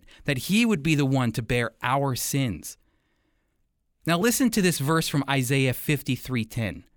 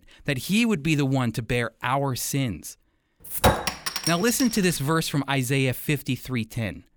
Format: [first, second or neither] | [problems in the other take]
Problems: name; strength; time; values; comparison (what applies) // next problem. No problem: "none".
first | clattering dishes; loud; from 3.5 to 4.5 s; peak 3 dB above the speech